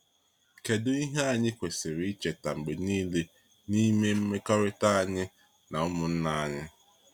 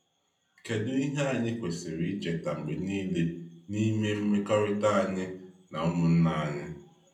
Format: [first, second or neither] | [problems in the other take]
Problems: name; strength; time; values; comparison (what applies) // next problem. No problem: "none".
first | room echo; dies away in 0.6 s